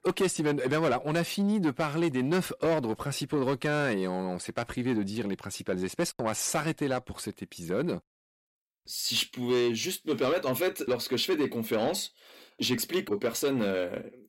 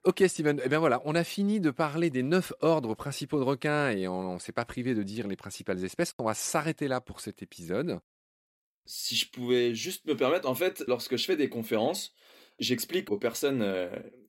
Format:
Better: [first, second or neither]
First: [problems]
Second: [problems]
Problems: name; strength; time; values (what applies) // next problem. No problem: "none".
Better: second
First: distortion; slight; 10 dB below the speech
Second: none